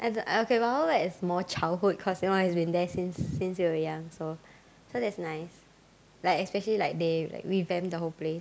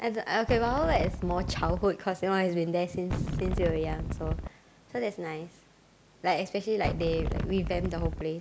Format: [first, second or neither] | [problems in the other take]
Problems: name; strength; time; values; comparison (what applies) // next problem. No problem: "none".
first | background sound (Wind); 2 dB below the speech